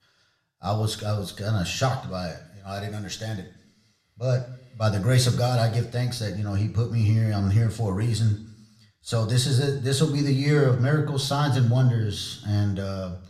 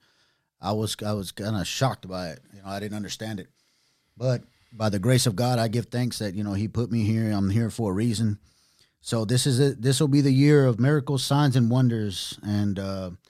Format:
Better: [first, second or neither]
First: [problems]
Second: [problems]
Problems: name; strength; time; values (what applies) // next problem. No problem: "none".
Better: second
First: room echo; very slight; dies away in 0.5 s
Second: none